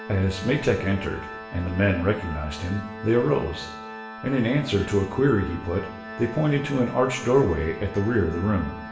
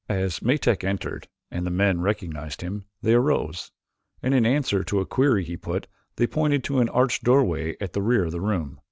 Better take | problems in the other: second | background sound (Organ); 13 dB below the speech // room echo; dies away in 0.8 s

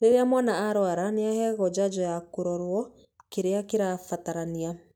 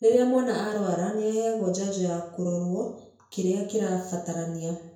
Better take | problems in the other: first | room echo; dies away in 0.5 s

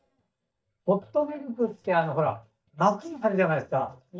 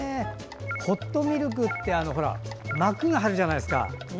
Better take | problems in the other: second | noise reduction (neural mask model DeepFilterNet 3)

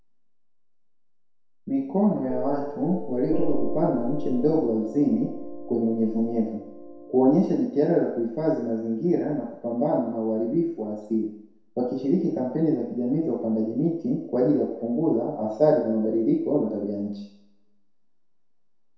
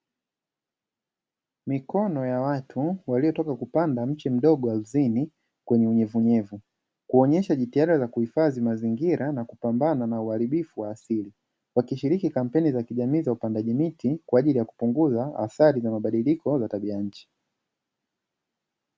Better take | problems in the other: second | background sound (Piano); 9 dB below the speech // room echo; dies away in 0.7 s

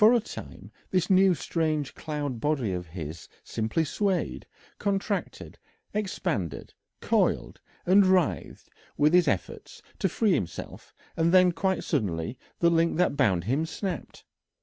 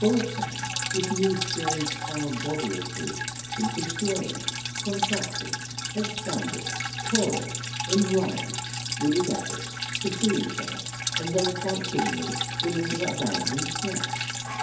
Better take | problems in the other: first | background sound (Drip); 1 dB below the speech // room echo; dies away in 2.4 s

